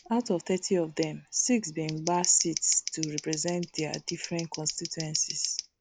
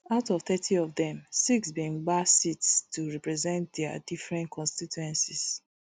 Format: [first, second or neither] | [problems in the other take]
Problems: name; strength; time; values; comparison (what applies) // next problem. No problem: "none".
second | background sound (Scissors); 10 dB below the speech